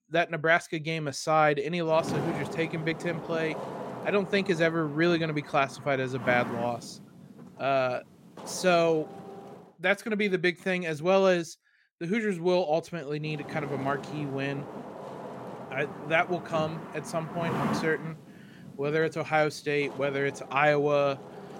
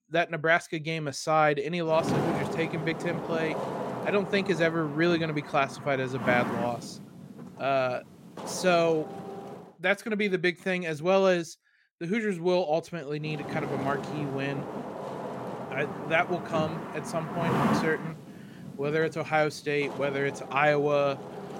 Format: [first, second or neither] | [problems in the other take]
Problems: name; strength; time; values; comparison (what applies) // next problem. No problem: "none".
first | wind noise on the microphone; heavy; from 2 to 9.5 s and from 13 s on; 8 dB below the speech; occasional gusts in the first